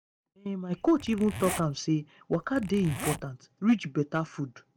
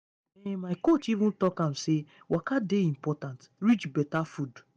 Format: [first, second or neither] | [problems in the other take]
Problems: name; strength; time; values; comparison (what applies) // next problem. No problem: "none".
second | background sound (Zipper (clothing)); 10 dB below the speech